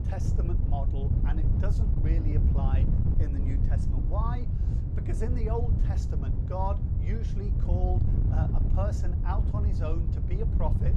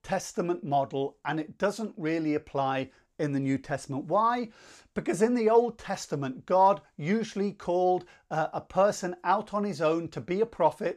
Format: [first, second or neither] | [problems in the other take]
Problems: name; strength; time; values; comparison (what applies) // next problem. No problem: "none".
second | wind noise on the microphone; heavy; 3 dB below the speech